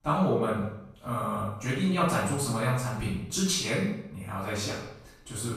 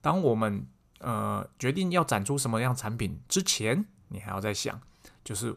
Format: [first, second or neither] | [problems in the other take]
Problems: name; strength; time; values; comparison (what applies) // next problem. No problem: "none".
second | off-mic speech; far // room echo; noticeable; dies away in 0.7 s